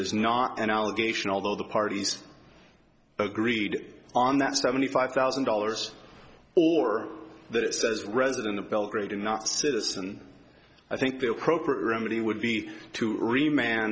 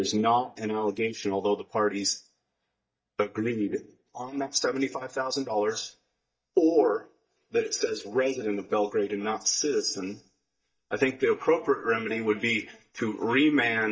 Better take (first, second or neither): first